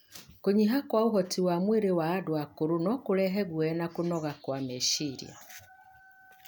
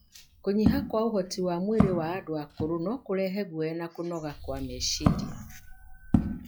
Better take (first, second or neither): first